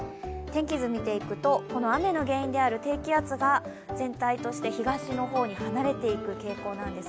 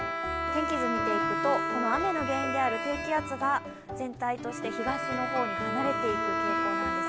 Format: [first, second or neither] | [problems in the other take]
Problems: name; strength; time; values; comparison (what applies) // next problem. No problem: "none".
first | background sound (Bowed string instrument); as loud as the speech